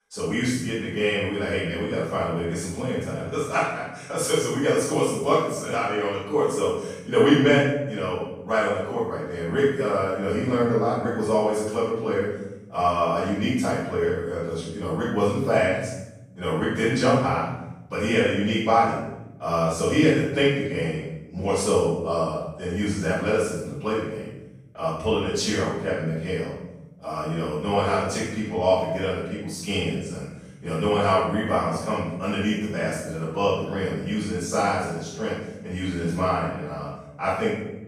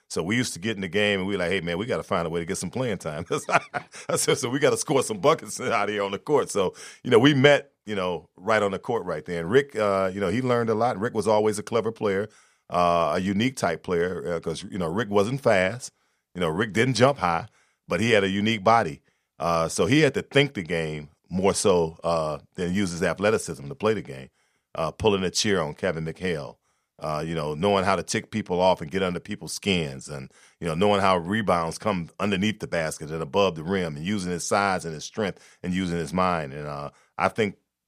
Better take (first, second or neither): second